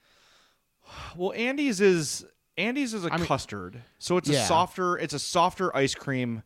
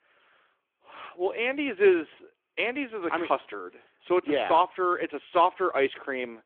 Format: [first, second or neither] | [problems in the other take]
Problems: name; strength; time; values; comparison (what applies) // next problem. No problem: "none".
first | phone-call audio